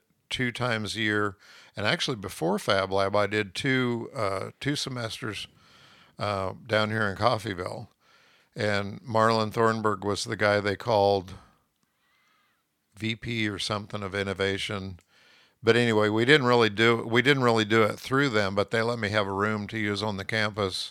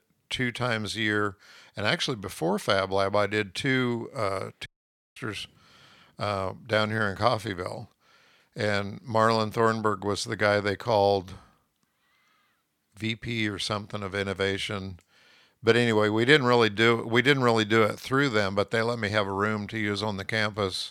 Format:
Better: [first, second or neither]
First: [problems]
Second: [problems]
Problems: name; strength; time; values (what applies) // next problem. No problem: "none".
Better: first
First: none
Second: audio cutting out; at 4.5 s for 0.5 s